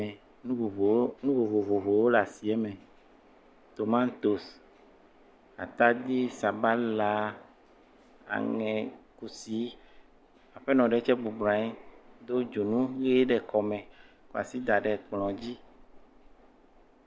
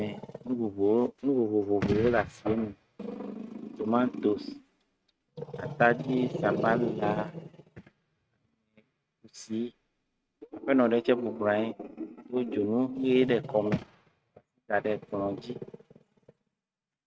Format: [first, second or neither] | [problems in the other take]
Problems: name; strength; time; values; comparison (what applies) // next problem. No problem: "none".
first | noise reduction (neural mask model RNNoise)